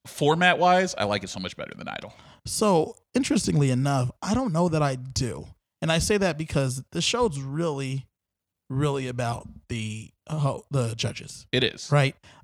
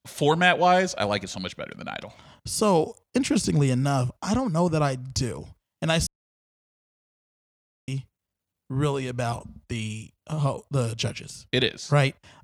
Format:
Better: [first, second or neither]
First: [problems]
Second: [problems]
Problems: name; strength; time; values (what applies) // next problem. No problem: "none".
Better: first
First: none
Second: audio cutting out; at 6 s for 2 s